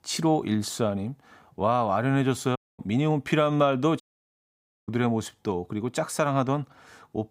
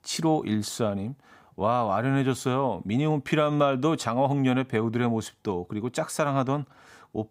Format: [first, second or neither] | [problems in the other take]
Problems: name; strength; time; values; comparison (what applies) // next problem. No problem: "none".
second | audio cutting out; at 2.5 s and at 4 s for 1 s